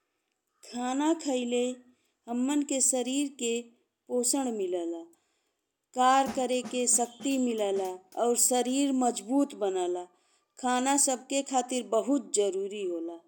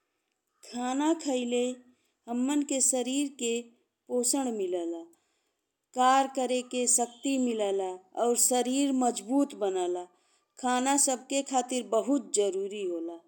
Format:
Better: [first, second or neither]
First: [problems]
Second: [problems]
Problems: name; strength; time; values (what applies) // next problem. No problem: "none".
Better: second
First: background sound (Snare drum); 16 dB below the speech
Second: none